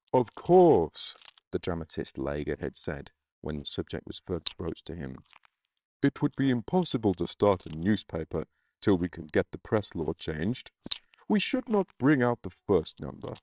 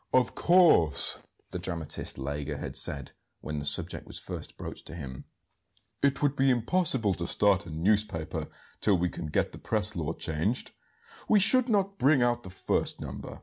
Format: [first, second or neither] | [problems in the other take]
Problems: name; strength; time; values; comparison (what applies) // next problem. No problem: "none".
second | noise reduction (neural separator model SepFormer WHAMR!)